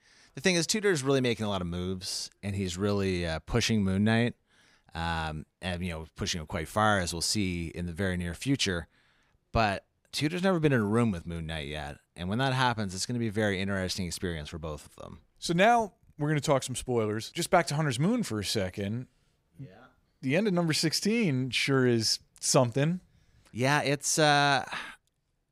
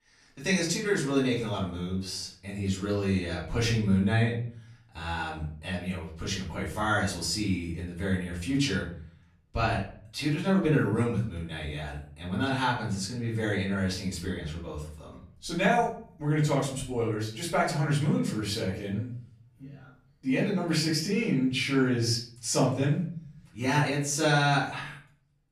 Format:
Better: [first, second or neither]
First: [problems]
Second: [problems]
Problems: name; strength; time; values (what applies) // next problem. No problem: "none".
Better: first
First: none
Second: off-mic speech; far // room echo; slight; dies away in 0.5 s